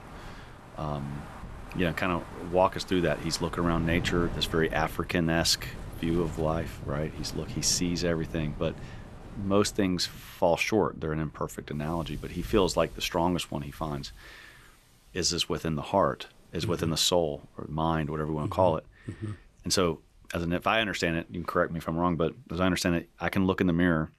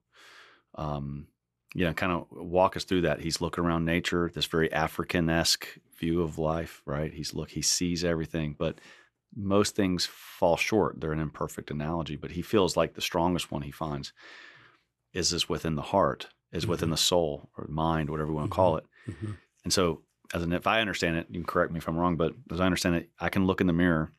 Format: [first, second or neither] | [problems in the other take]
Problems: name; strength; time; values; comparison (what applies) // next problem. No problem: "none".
second | wind in the background; noticeable; throughout; 15 dB below the speech